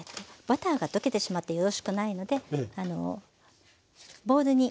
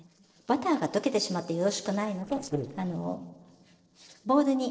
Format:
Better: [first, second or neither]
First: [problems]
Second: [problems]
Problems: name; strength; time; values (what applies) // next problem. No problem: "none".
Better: first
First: none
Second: noise reduction (neural separator model SepFormer DNS4)